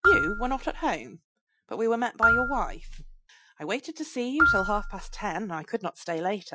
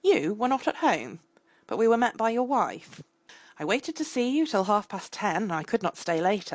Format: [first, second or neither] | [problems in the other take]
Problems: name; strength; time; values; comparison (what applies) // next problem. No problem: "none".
second | noise reduction (classical method Wiener filter)